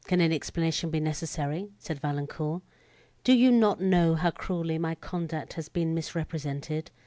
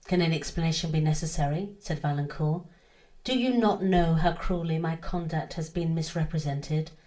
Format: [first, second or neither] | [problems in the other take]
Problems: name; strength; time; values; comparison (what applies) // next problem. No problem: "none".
first | room echo; dies away in 0.3 s